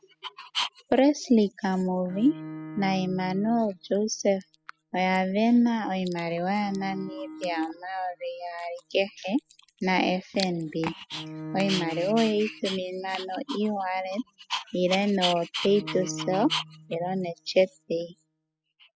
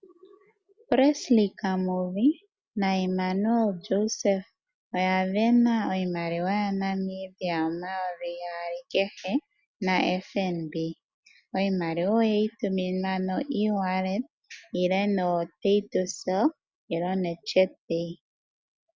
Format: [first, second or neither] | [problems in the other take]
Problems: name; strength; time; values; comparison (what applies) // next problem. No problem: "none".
second | noise reduction (classical method spectral subtraction)